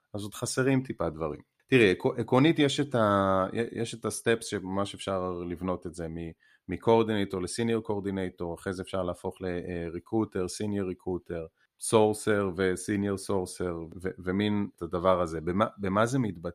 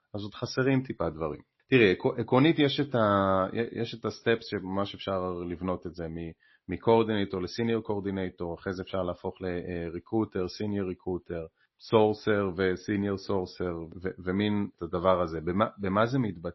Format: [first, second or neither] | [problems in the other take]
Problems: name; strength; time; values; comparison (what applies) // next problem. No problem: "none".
first | garbled, watery; slightly; nothing above 5.5 kHz